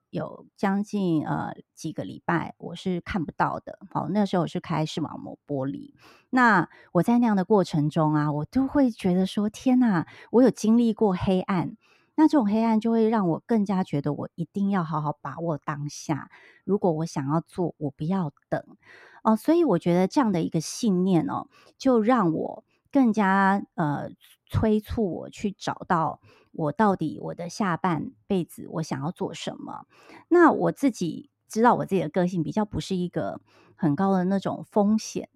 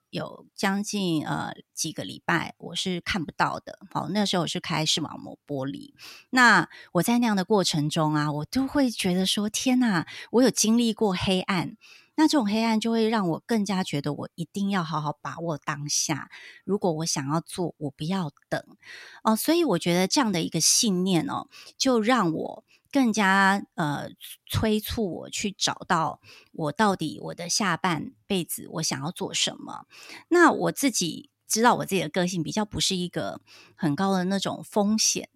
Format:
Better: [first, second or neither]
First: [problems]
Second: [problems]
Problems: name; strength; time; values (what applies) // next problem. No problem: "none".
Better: second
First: muffled; slightly; fading above 2 kHz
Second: none